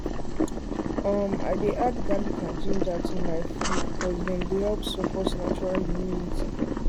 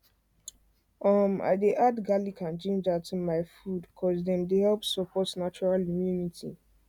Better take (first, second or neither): second